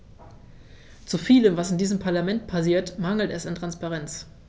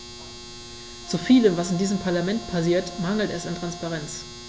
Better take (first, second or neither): first